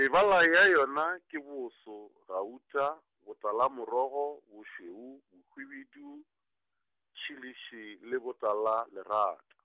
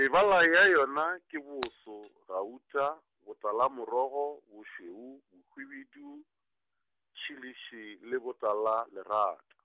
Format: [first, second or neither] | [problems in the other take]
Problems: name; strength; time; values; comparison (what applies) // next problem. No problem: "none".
first | background sound (Shatter); 18 dB below the speech